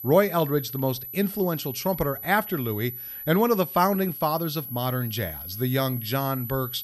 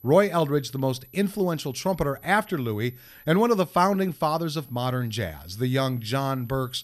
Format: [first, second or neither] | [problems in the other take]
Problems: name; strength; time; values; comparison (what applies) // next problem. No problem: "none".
second | high-pitched whine; loud; throughout; 11.5 kHz, 8 dB below the speech; faint in the second